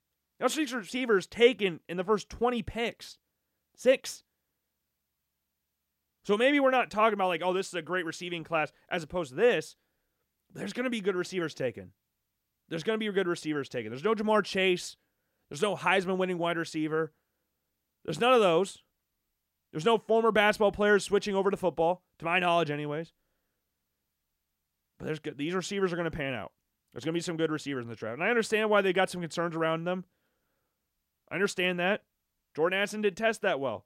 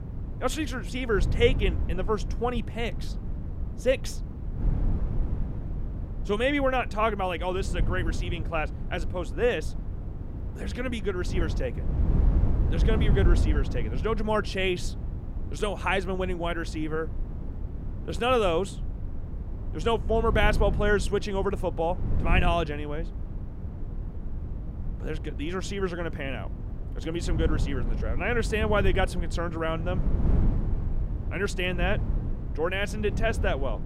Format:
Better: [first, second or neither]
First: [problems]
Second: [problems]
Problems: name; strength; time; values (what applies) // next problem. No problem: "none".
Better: first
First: none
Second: wind noise on the microphone; occasional gusts; 15 dB below the speech